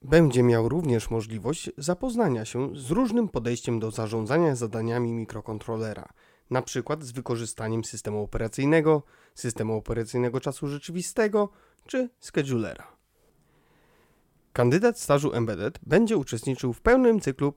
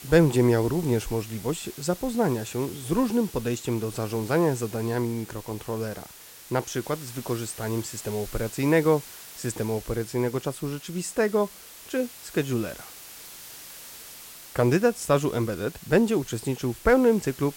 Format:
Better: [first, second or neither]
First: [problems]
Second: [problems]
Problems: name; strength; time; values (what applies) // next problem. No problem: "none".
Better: first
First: none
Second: hiss; noticeable; throughout; 15 dB below the speech